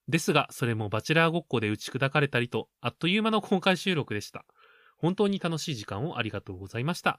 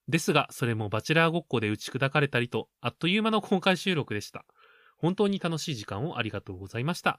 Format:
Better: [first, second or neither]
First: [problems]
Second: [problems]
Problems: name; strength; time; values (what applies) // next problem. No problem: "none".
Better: neither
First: none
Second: none